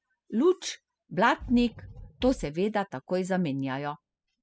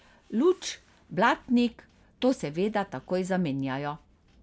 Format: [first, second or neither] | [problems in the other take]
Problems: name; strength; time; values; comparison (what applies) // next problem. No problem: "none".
second | noise reduction (classical method spectral subtraction)